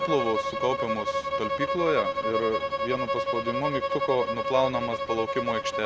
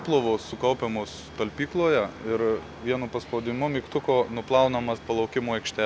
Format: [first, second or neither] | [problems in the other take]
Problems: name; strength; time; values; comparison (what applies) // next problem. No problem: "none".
second | background sound (Bowed string instrument); as loud as the speech